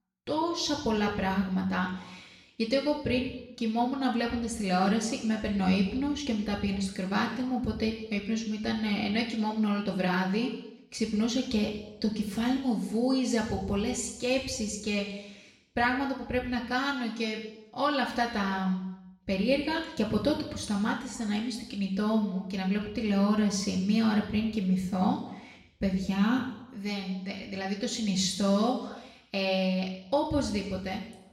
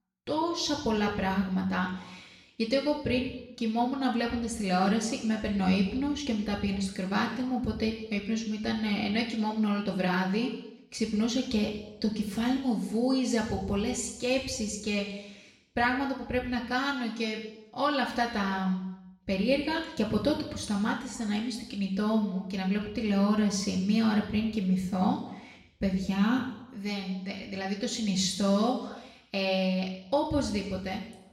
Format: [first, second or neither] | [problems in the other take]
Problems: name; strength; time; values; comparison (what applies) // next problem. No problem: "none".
neither | room echo; noticeable; dies away in 0.8 s; the same in both // off-mic speech; somewhat distant; the same in both